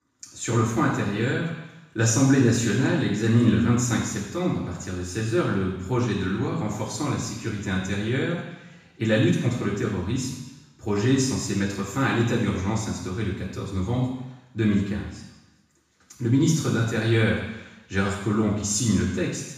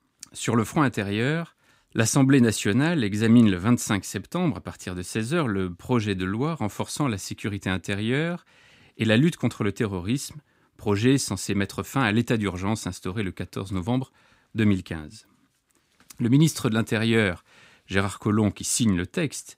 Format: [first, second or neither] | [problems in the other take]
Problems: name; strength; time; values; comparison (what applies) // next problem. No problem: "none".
second | room echo; noticeable; dies away in 1 s // off-mic speech; far